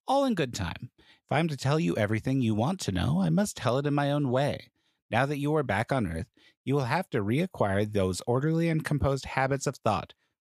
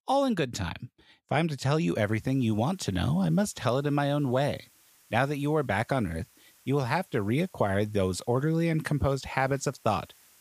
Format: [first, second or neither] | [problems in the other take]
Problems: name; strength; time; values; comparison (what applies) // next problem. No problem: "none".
first | hiss; faint; from 2 s on; 30 dB below the speech